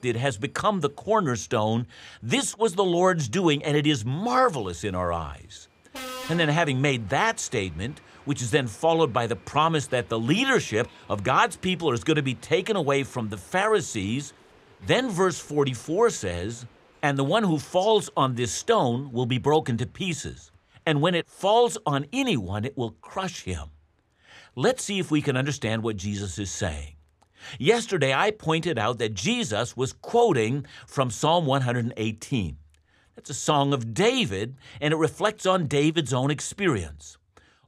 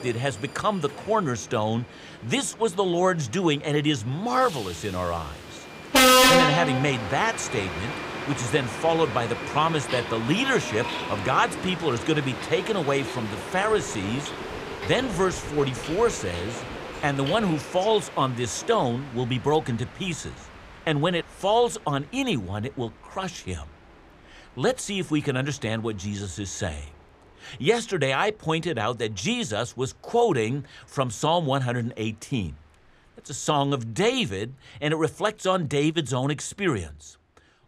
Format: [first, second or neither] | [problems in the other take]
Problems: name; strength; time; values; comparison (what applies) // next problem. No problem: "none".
first | train or aircraft noise; loud; throughout; 1 dB below the speech; faint in the first